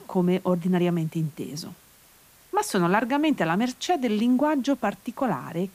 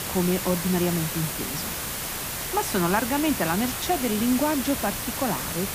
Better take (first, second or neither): first